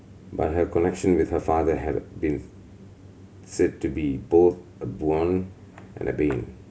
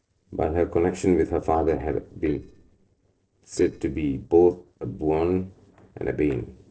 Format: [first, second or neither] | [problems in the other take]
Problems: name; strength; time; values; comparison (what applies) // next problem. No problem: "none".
first | noise reduction (neural separator model SepFormer DNS4)